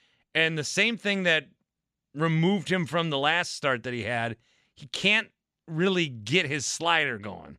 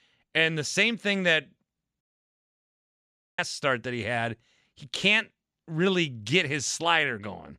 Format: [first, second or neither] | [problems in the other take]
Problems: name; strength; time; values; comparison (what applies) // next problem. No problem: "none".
first | audio cutting out; at 2 s for 1.5 s